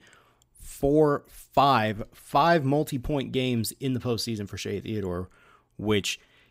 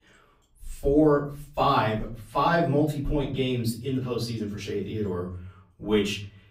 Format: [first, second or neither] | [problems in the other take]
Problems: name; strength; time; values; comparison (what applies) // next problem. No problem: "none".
first | room echo; slight; dies away in 0.6 s // off-mic speech; far